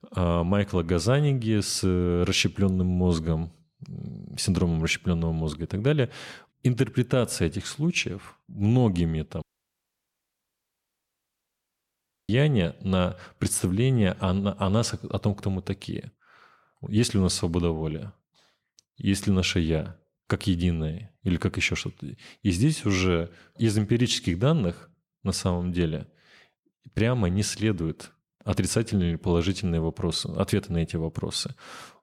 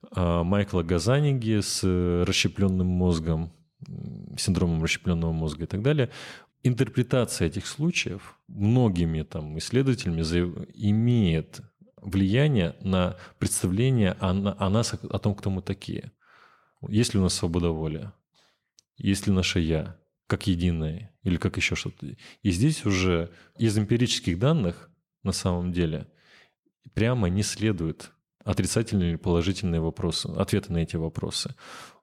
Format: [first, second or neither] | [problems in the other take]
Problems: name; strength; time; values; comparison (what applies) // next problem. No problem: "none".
second | audio cutting out; at 9.5 s for 3 s